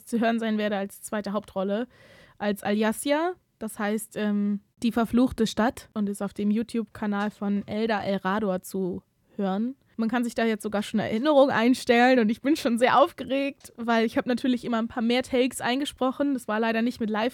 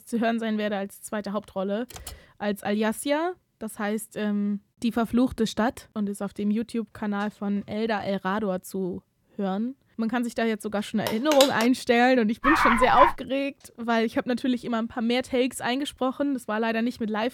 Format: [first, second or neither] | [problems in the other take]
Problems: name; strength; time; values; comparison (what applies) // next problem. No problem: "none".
first | keyboard typing; faint; at 2 s; peak 15 dB below the speech // phone ringing; loud; at 11 s; peak 1 dB above the speech // dog barking; loud; at 12 s; peak 6 dB above the speech